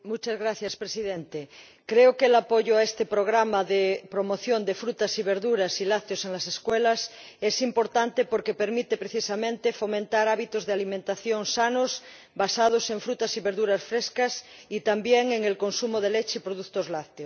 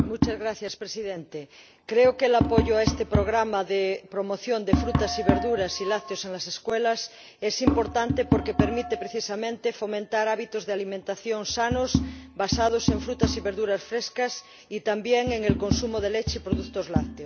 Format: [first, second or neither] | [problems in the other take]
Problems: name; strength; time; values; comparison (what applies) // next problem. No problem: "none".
first | background sound (Tap); 3 dB below the speech